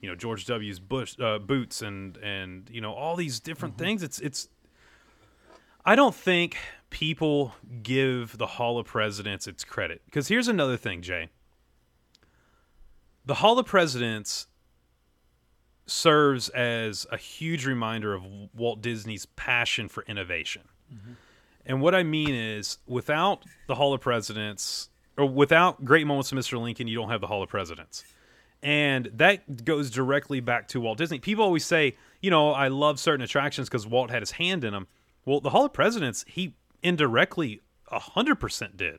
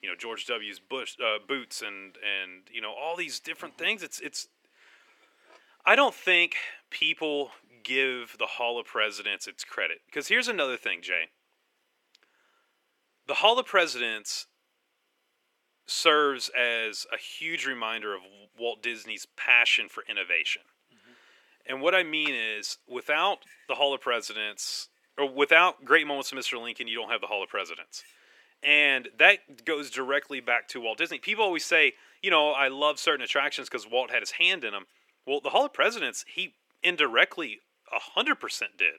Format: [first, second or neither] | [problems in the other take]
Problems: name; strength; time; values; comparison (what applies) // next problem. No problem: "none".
first | thin; somewhat; fading below 350 Hz